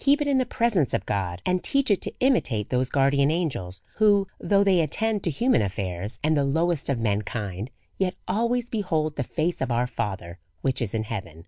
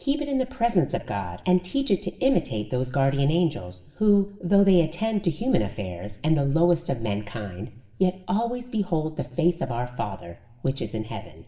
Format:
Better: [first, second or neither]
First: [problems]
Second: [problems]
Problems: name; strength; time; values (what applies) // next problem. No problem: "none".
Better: first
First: none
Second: room echo; dies away in 1.6 s